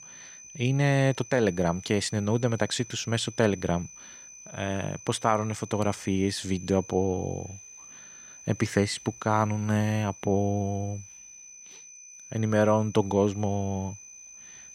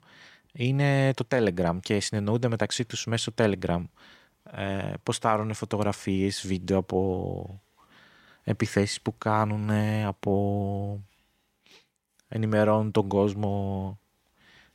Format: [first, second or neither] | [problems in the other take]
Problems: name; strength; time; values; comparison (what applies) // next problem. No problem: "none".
second | high-pitched whine; noticeable; throughout; 6 kHz, 15 dB below the speech